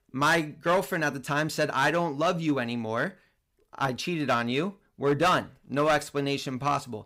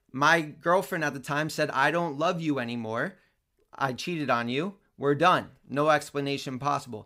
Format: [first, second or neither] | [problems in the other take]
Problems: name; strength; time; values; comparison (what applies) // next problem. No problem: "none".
second | distortion; slight; 4% of the sound clipped